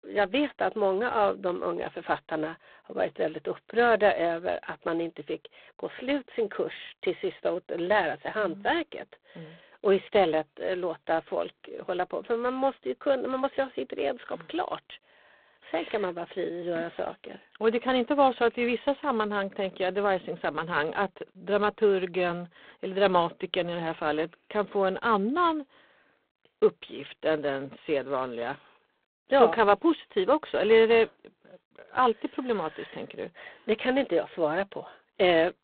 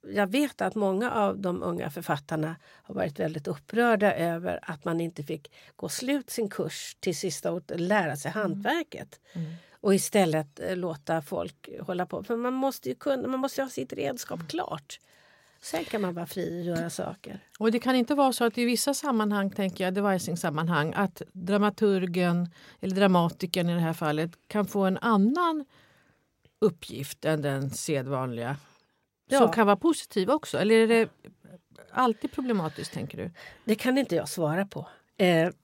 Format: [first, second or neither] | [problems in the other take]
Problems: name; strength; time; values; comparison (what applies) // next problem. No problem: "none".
second | phone-call audio; poor line; nothing above 3.5 kHz